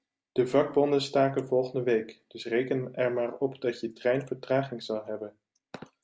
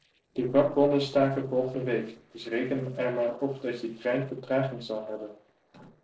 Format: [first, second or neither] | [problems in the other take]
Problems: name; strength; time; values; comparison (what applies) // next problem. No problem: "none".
first | noise reduction (neural separator model SepFormer DNS4)